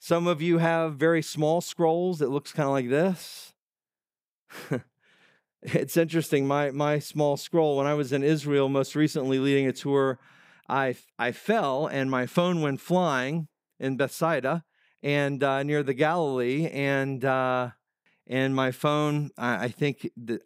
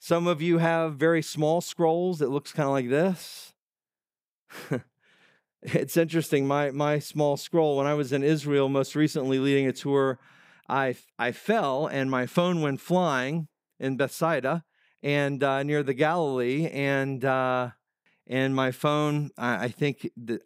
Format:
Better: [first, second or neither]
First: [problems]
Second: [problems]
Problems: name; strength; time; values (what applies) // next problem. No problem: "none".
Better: neither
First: none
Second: none